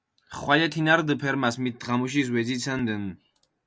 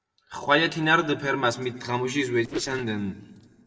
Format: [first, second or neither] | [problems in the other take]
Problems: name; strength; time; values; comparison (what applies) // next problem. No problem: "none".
first | noise reduction (neural separator model SepFormer DNS4)